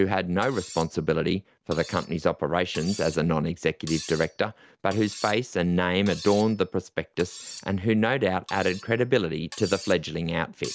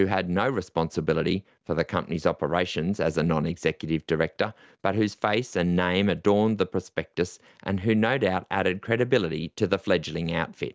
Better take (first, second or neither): second